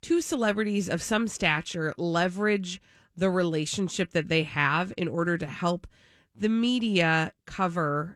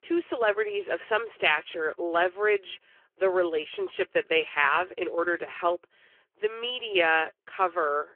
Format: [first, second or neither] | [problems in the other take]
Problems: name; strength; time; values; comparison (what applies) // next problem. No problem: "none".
first | phone-call audio